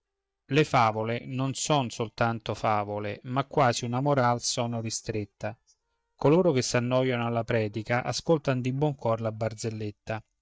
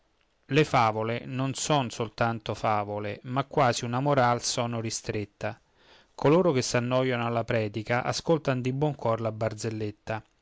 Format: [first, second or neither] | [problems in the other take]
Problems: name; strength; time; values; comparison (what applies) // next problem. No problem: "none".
second | noise reduction (neural mask model DeepFilterNet 3)